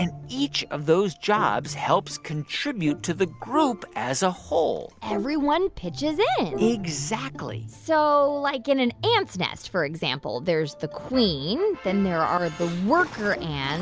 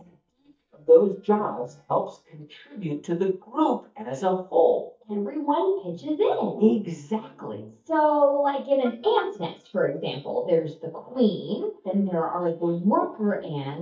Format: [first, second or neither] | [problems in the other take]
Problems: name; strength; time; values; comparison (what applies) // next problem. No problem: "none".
first | noise reduction (neural mask model DeepFilterNet 3)